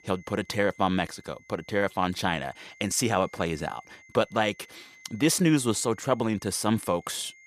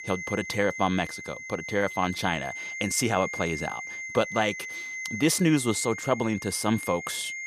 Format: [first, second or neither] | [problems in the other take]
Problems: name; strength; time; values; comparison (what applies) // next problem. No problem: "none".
first | high-pitched whine; loud; throughout; 2 kHz, 8 dB below the speech; faint in the first